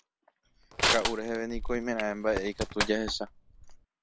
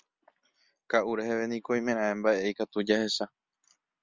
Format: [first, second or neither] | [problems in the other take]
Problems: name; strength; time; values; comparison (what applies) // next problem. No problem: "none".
second | background sound (Crushing); 1 dB below the speech